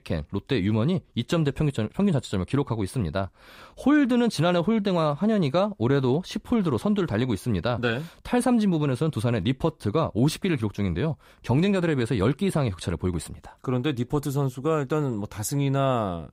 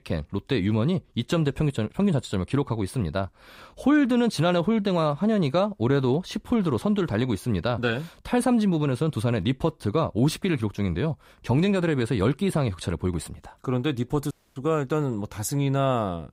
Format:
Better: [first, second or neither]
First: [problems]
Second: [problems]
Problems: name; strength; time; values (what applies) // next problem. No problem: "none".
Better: first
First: none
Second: audio cutting out; at 14 s